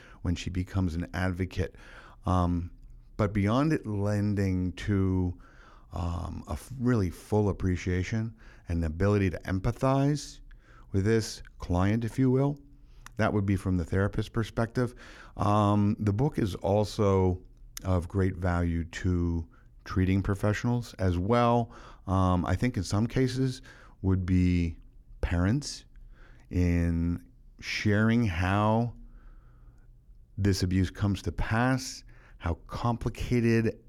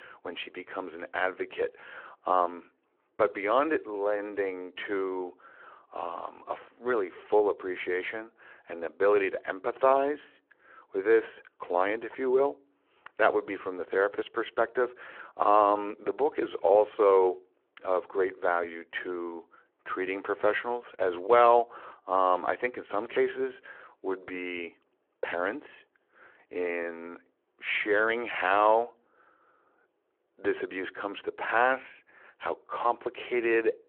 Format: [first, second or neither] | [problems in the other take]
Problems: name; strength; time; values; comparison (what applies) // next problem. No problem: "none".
first | phone-call audio